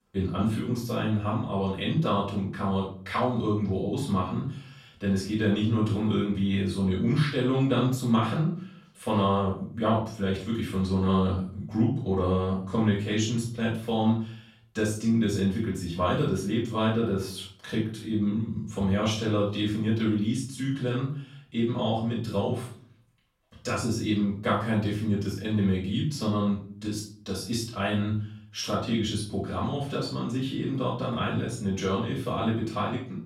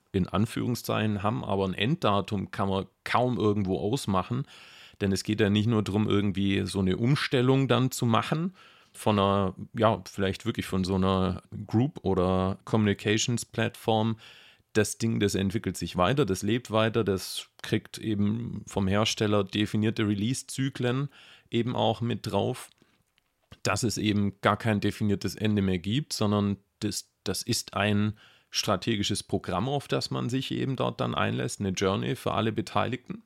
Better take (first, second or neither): second